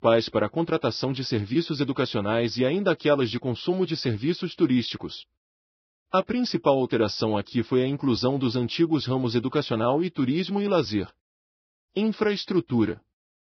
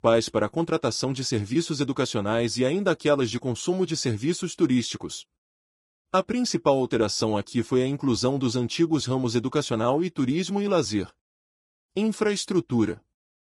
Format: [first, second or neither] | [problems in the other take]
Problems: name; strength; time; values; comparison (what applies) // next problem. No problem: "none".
second | garbled, watery; badly; nothing above 5.5 kHz; slightly in the second